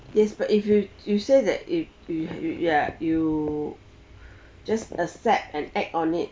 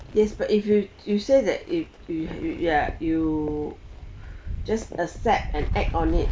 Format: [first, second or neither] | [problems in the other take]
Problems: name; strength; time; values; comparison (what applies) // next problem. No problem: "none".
first | background sound (Wind); 7 dB below the speech